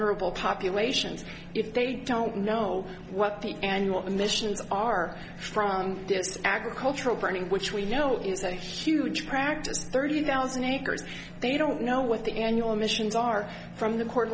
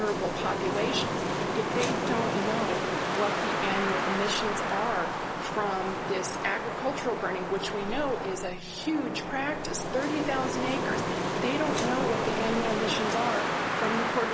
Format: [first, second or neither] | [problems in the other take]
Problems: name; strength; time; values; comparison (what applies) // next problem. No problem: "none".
first | background sound (Wind); 1 dB above the speech